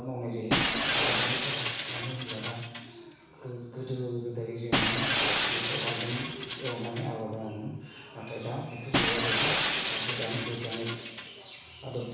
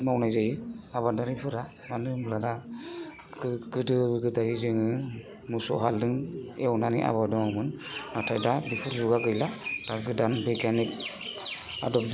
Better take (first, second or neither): second